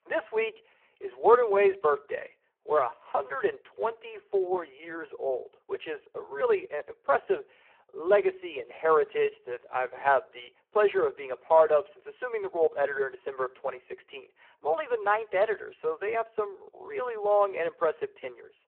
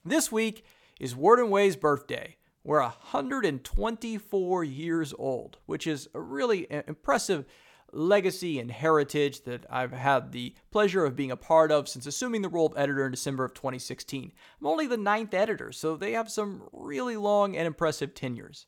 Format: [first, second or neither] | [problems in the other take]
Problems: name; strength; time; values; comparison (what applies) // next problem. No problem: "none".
second | phone-call audio; poor line